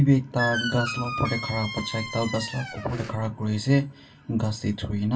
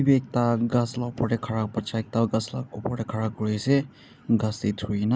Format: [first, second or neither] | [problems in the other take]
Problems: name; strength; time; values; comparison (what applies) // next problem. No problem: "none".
second | background sound (Squeak); 7 dB below the speech // room echo; dies away in 0.2 s